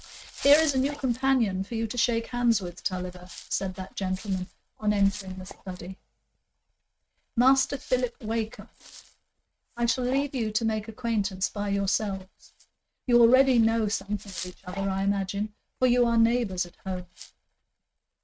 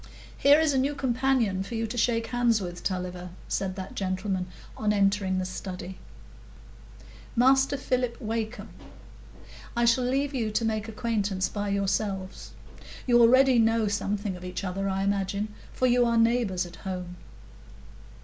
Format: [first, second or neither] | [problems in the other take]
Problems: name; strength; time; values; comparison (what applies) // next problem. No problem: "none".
second | noise reduction (neural mask model RNNoise)